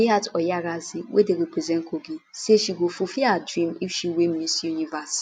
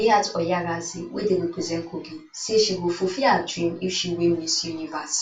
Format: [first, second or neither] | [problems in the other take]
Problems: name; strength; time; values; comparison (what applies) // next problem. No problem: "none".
first | room echo; dies away in 0.3 s